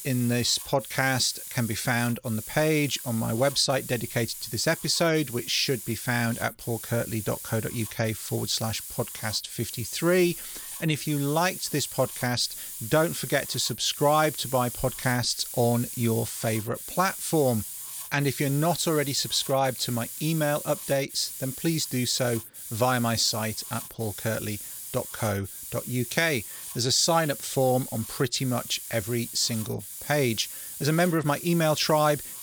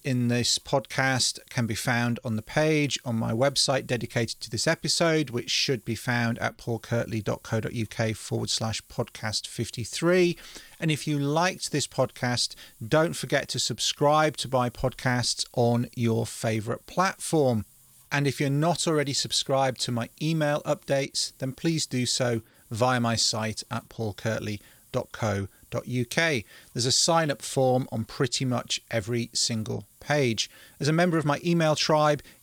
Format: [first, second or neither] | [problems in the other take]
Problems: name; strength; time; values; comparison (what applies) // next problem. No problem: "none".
second | hiss; loud; throughout; 9 dB below the speech; faint in the second